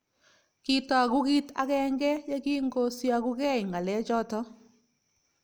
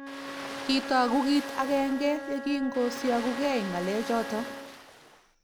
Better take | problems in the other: first | background sound (Wind instrument, woodwind instrument + Ocean); 9 dB below the speech

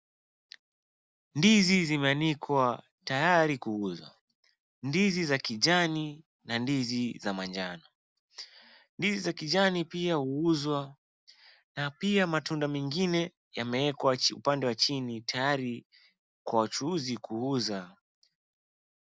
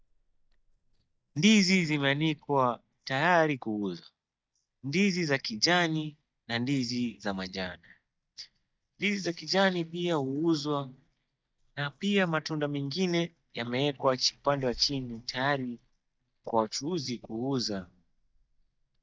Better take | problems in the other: first | noise reduction (neural mask model DeepFilterNet 3)

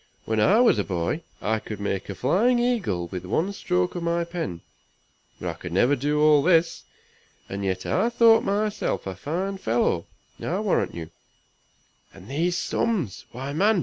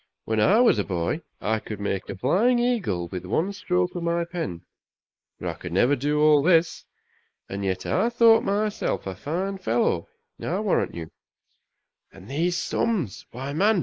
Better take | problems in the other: first | noise reduction (neural mask model Resemble Enhance denoiser)

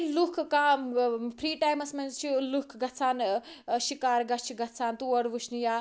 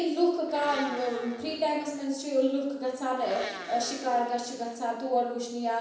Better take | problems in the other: first | background sound (Domestic sounds, home sounds); 15 dB below the speech // room echo; dies away in 0.9 s

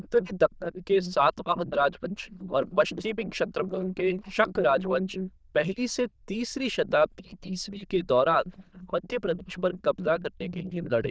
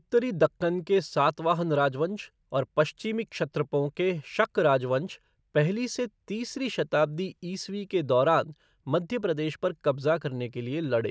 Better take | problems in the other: second | noise reduction (neural diffusion model UNIVERSE++)

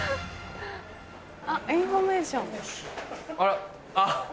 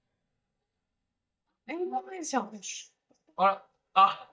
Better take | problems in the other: first | noise reduction (neural mask model DeepFilterNet 3)

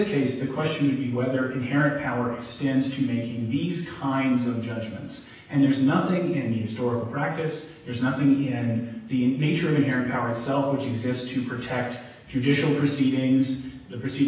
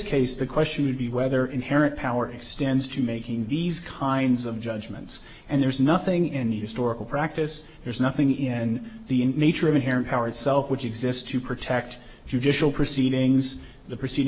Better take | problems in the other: second | room echo; dies away in 0.9 s

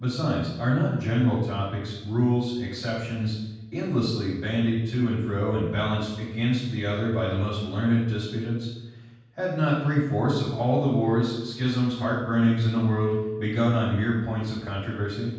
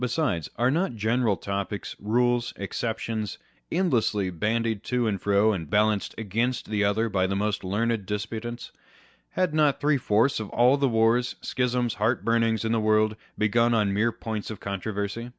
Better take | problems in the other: second | room echo; dies away in 1.2 s

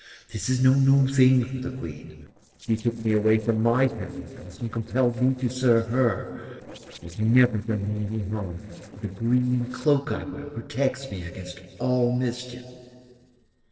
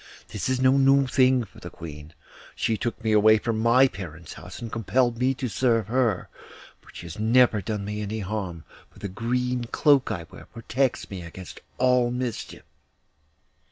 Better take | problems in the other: second | noise reduction (neural separator model SepFormer DNS4)

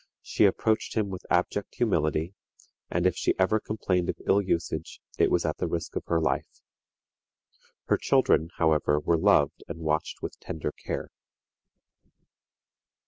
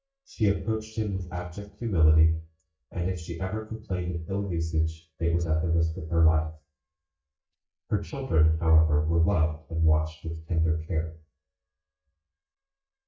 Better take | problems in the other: first | noise reduction (neural mask model DeepFilterNet 3)

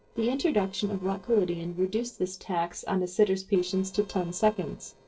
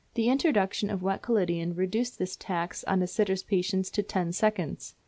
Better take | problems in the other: second | noise reduction (neural separator model SepFormer DNS4)

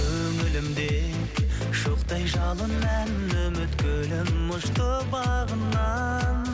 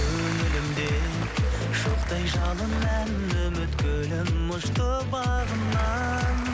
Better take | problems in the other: first | background sound (Applause / Crowd); 14 dB below the speech

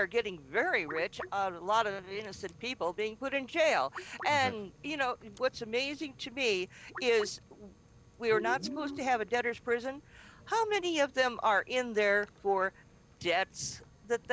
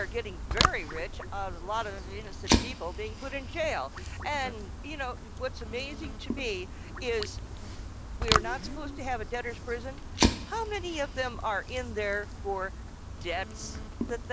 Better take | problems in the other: first | background sound (Fire); 2 dB above the speech

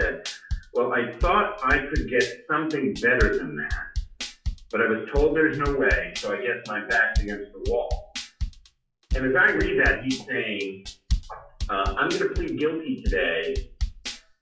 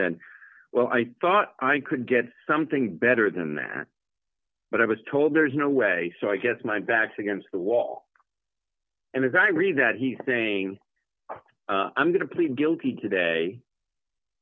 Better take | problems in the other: second | noise reduction (classical method WPE with log-MMSE)

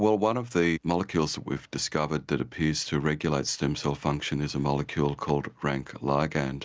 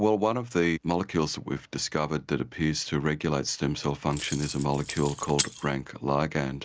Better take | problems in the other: first | background sound (Keys jangling); 8 dB below the speech

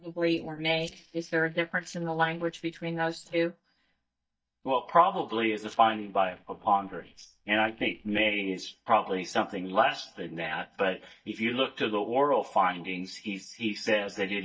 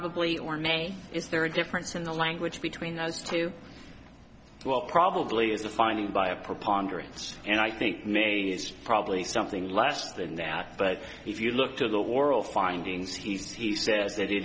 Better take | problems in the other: second | noise reduction (neural mask model DeepFilterNet 3)

